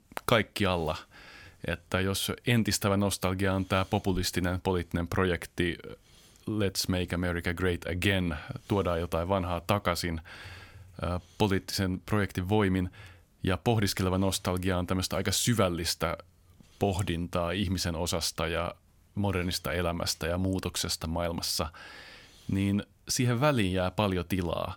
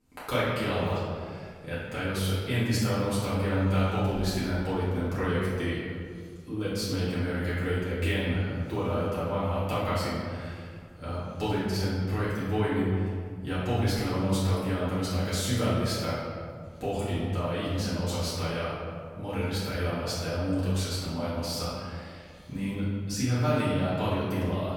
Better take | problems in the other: first | off-mic speech; far // room echo; strong; dies away in 1.9 s

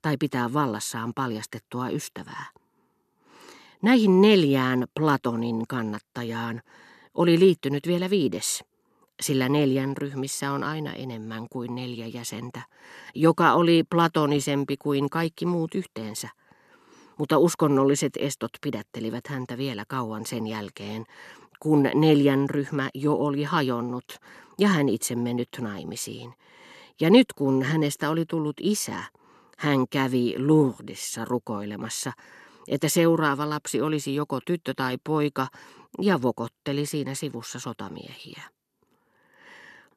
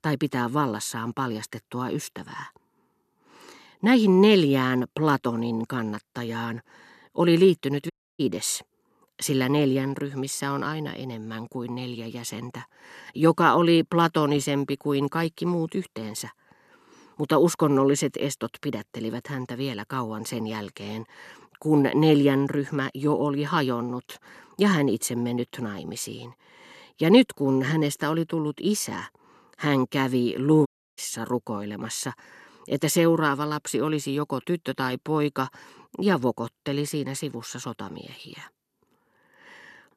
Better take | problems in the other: first | audio cutting out; at 8 s and at 31 s

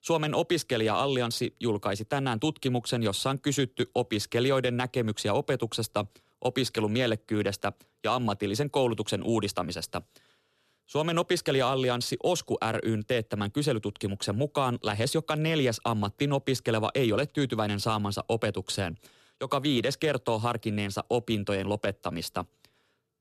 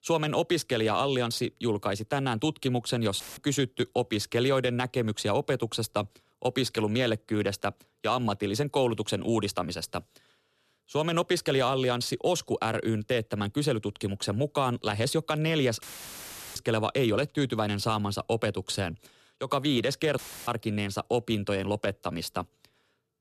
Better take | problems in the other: first | audio cutting out; filled with static; at 3 s, at 16 s for 0.5 s and at 20 s

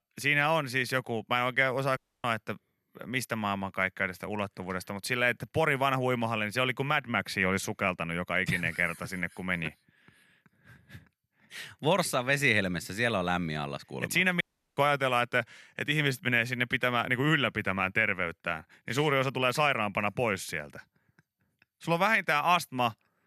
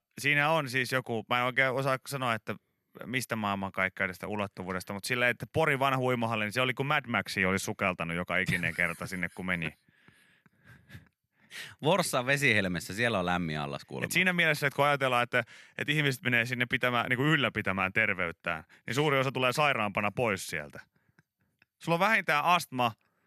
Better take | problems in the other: second | audio cutting out; at 2 s and at 14 s

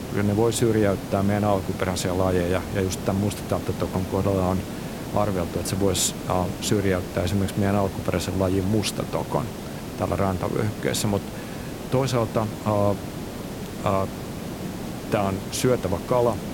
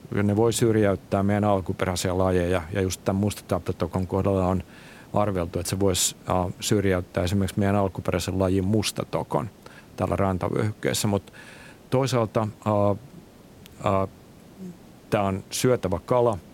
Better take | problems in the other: second | hiss; loud; throughout; 8 dB below the speech; faint in the second

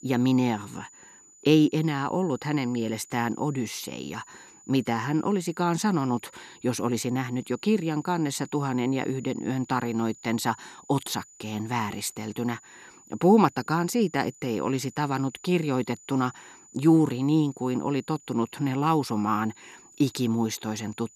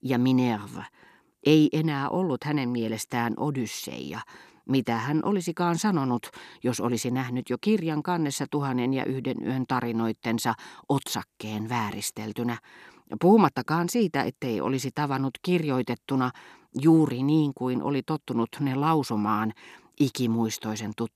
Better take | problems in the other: second | high-pitched whine; faint; throughout; 7 kHz, 25 dB below the speech

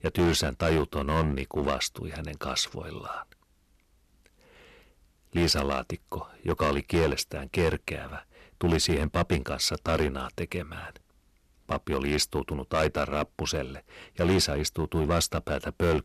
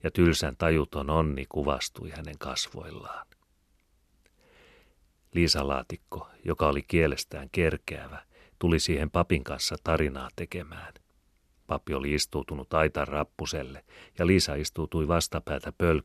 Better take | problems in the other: second | distortion; heavy; 5% of the sound clipped

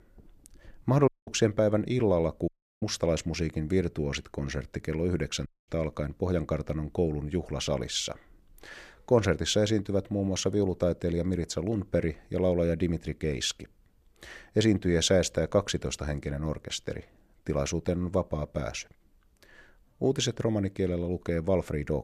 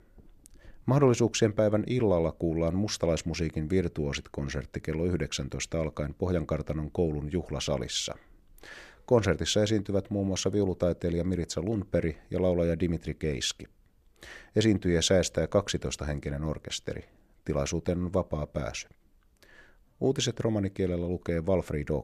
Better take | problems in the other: second | audio cutting out; at 1 s, at 2.5 s and at 5.5 s

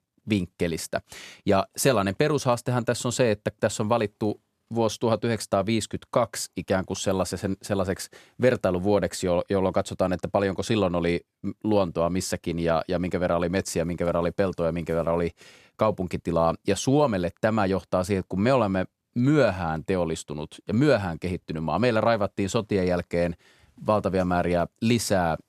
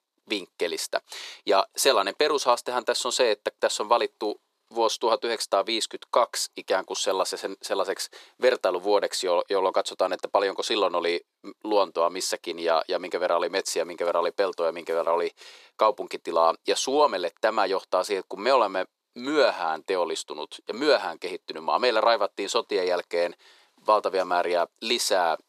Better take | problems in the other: first | thin; very; fading below 400 Hz

